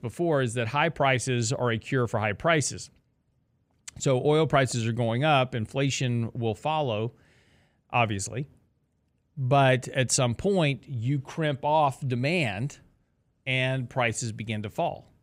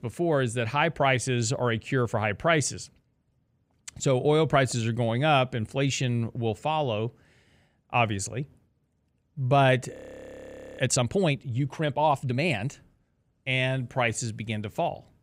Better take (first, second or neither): first